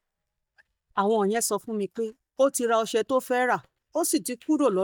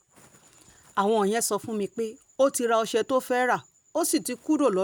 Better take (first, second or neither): second